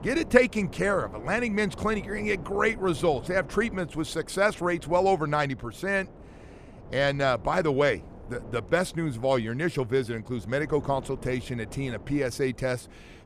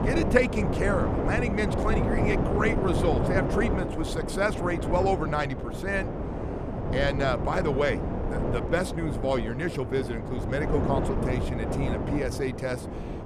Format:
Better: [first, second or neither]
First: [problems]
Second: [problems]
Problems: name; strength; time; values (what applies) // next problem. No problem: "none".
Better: first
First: wind noise on the microphone; occasional gusts; 20 dB below the speech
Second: wind noise on the microphone; heavy; 4 dB below the speech